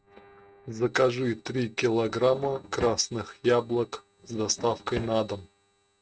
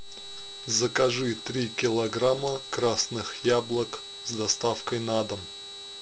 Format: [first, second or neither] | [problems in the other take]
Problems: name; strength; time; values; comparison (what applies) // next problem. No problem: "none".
second | noise reduction (neural mask model RNNoise)